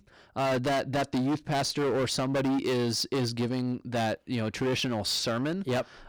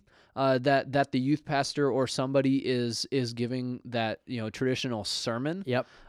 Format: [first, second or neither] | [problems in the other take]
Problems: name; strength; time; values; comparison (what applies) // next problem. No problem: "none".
second | distortion; heavy; 22% of the sound clipped